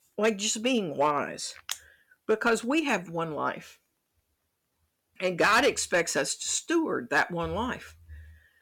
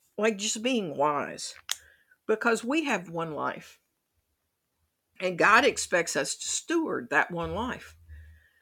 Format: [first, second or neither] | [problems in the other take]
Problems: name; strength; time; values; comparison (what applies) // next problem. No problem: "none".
second | distortion; slight; 1.7% of the sound clipped